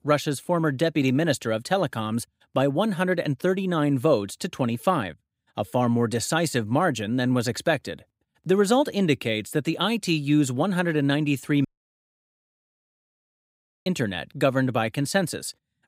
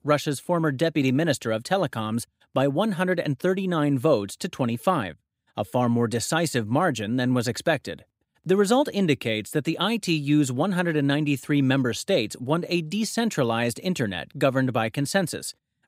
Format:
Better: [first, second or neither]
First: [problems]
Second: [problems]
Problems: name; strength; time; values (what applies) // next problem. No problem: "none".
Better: second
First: audio cutting out; at 12 s for 2 s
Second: none